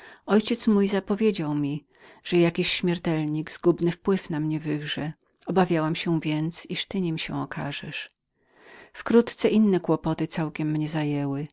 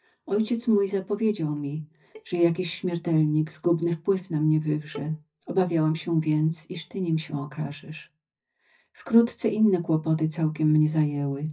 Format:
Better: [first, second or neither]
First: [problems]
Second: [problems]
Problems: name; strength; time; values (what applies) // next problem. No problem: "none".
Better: first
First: none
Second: noise reduction (neural mask model DeepFilterNet 3)